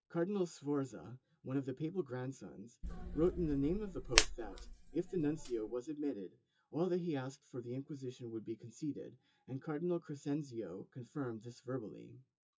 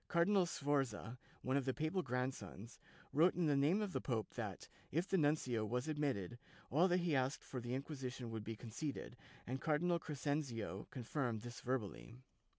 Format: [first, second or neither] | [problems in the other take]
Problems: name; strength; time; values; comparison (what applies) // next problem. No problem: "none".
second | noise reduction (classical method WPE with log-MMSE)